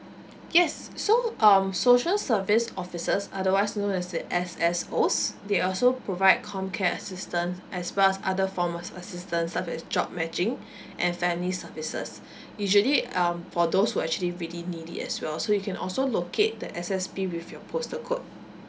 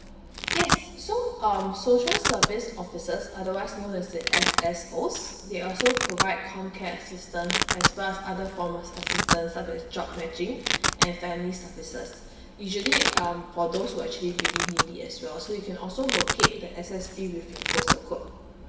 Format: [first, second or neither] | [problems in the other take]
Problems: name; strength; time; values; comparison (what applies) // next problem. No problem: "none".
first | background sound (Domestic sounds, home sounds); 1 dB above the speech // room echo; dies away in 1.1 s